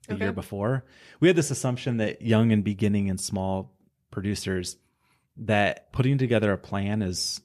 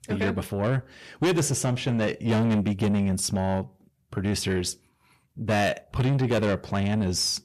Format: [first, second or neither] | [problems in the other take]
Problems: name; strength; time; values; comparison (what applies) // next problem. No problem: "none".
first | distortion; heavy; 8 dB below the speech